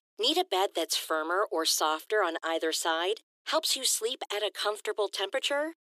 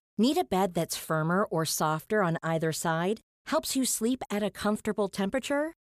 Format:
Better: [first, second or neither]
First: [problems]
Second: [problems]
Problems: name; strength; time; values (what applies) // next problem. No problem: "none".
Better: second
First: thin; very; fading below 300 Hz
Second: none